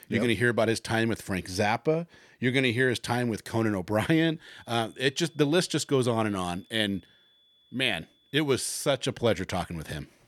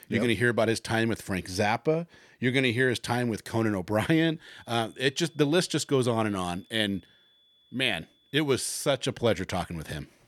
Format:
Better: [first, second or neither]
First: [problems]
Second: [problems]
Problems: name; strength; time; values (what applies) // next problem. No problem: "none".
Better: neither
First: high-pitched whine; faint; from 4.5 to 8.5 s; 3.5 kHz, 35 dB below the speech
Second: high-pitched whine; faint; from 4.5 to 8.5 s; 3.5 kHz, 35 dB below the speech